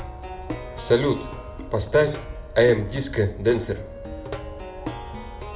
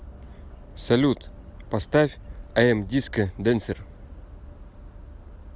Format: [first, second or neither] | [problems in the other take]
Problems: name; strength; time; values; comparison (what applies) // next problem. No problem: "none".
second | background sound (Plucked string instrument); 12 dB below the speech // room echo; dies away in 0.5 s